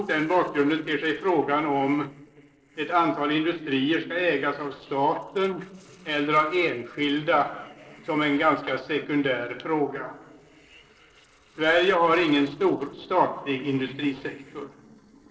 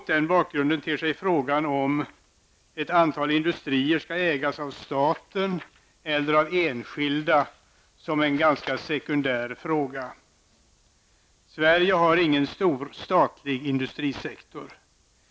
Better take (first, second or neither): second